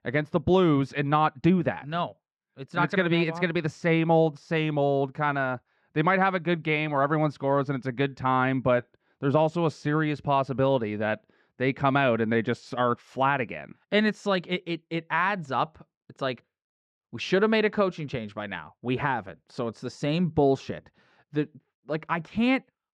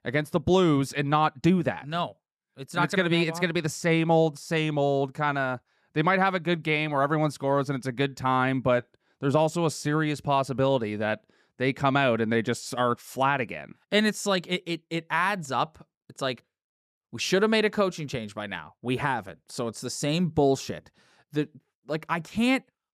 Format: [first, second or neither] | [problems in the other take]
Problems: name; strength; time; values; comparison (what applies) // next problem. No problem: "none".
second | muffled; slightly; fading above 3 kHz